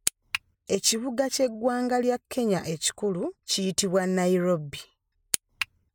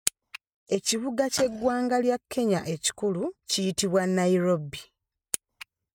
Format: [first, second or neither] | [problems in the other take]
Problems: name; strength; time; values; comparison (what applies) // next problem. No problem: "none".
first | noise reduction (neural mask model RNNoise)